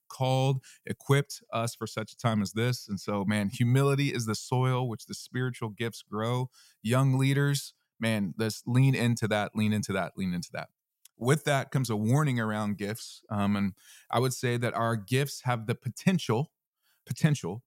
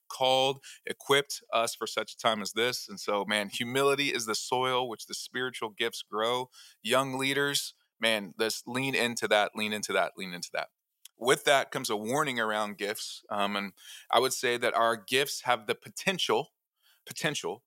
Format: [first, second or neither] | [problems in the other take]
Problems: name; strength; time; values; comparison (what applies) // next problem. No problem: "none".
first | thin; very; fading below 500 Hz